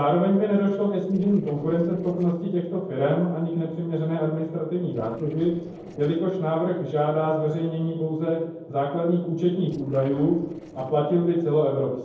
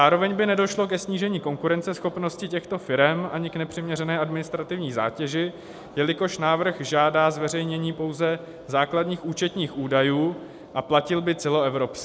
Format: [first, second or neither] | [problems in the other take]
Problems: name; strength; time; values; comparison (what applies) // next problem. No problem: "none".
second | noise reduction (neural separator model SepFormer DNS4)